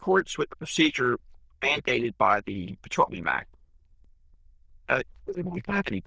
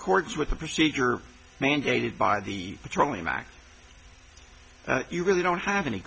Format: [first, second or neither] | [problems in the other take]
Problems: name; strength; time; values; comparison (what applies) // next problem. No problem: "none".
second | noise reduction (neural diffusion model UNIVERSE++)